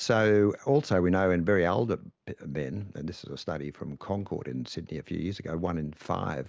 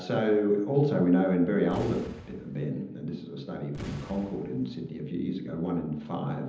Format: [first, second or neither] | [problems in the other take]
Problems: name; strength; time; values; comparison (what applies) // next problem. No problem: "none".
first | background sound (Boom); 16 dB below the speech // room echo; dies away in 0.9 s